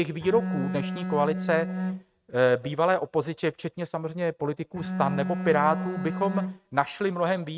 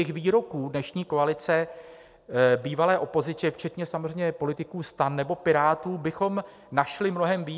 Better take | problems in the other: second | noise reduction (neural mask model RNNoise)

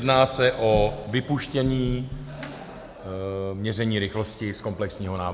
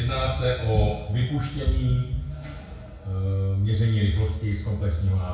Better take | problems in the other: first | room echo; dies away in 0.6 s

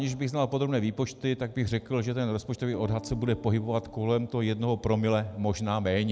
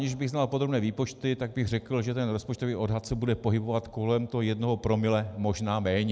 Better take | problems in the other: second | background sound (Piano); 19 dB below the speech

